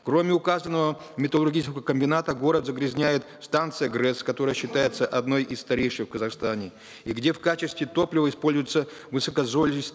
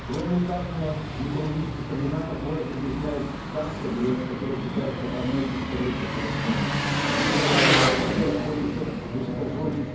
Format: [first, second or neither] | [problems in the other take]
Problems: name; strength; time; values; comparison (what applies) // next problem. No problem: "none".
first | background sound (Engine); 2 dB above the speech // room echo; dies away in 0.9 s